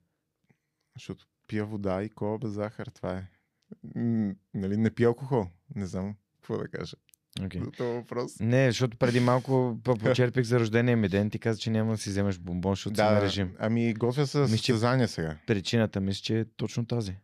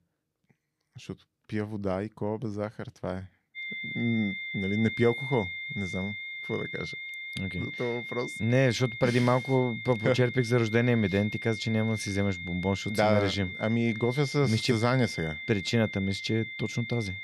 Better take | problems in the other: first | high-pitched whine; loud; from 3.5 s on; 2 kHz, 7 dB below the speech

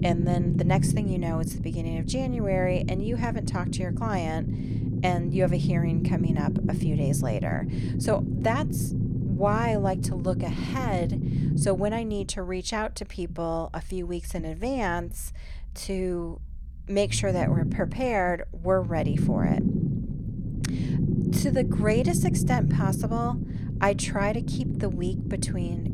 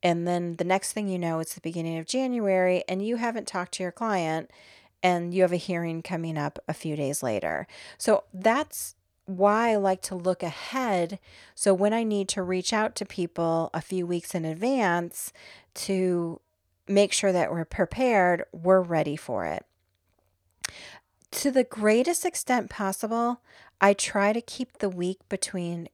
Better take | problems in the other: second | low rumble; loud; throughout; 6 dB below the speech

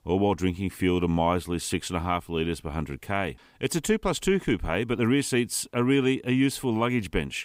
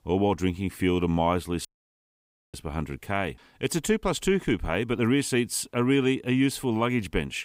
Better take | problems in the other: first | audio cutting out; at 1.5 s for 1 s

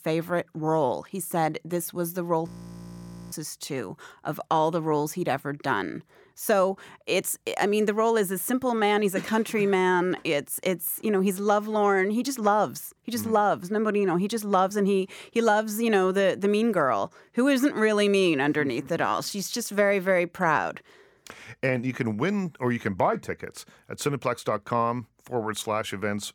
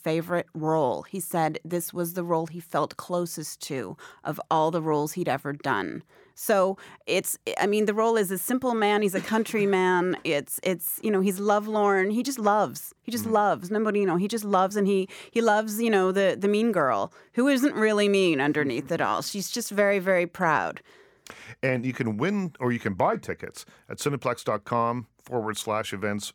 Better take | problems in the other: second | audio freezing; at 2.5 s for 1 s

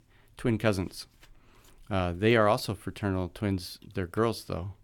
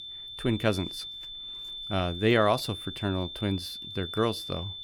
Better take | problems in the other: first | high-pitched whine; loud; throughout; 3.5 kHz, 8 dB below the speech

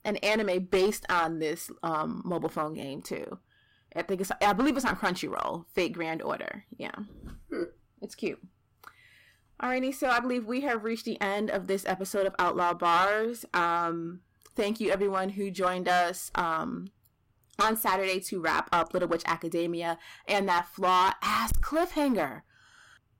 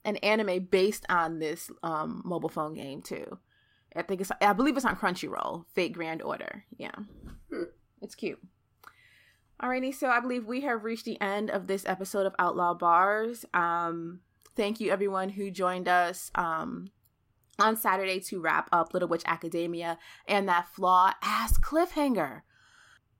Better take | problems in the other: second | distortion; slight; 5% of the sound clipped

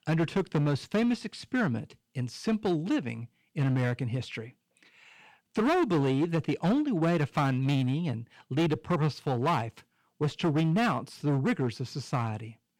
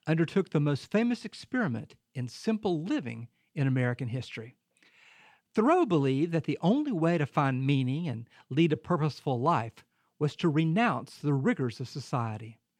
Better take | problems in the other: second | distortion; slight; 9% of the sound clipped

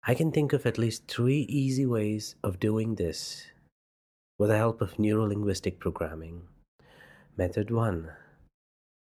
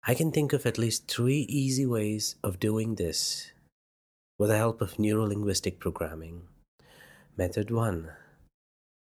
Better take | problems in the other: second | muffled; slightly; fading above 4 kHz

